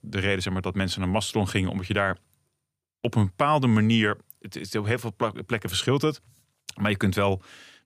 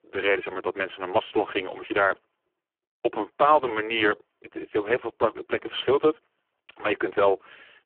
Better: first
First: none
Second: phone-call audio; poor line

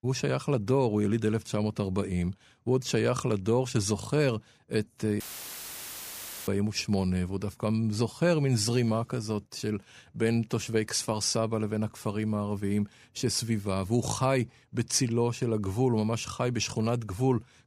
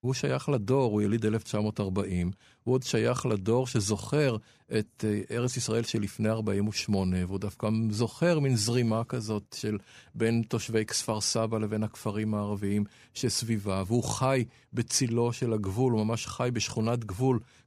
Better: second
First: audio cutting out; filled with static; at 5 s for 1.5 s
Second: none

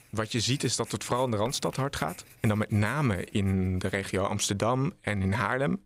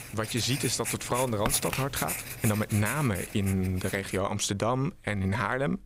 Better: first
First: household noises; faint; throughout; 20 dB below the speech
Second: household noises; loud; throughout; 5 dB below the speech

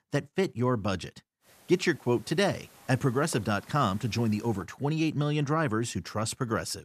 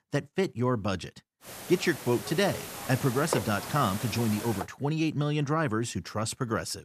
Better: first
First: hiss; faint; from 1.5 to 4.5 s; 25 dB below the speech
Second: hiss; loud; from 1.5 to 4.5 s; 8 dB below the speech

